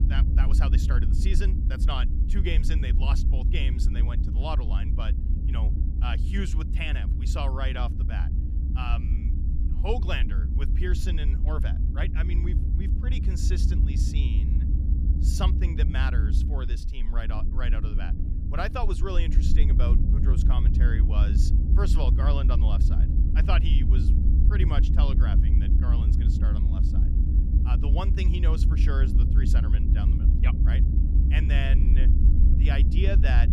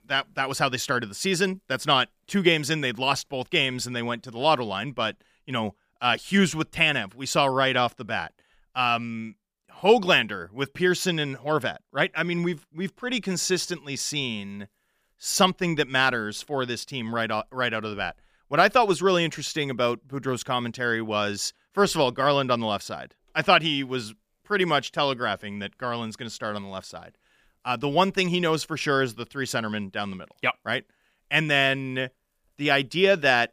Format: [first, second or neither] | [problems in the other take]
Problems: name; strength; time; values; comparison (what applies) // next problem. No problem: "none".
second | low rumble; loud; throughout; 4 dB below the speech